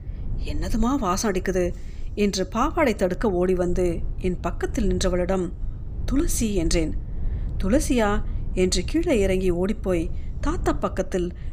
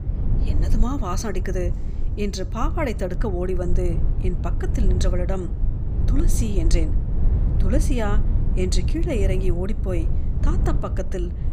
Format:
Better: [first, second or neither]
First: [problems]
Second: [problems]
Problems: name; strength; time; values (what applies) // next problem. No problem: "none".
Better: first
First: low rumble; faint; throughout; 20 dB below the speech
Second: low rumble; loud; throughout; 9 dB below the speech